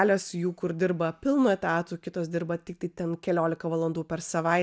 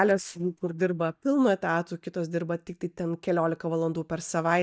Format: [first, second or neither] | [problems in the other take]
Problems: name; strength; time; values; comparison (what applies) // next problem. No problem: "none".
first | noise reduction (neural mask model DeepFilterNet 3)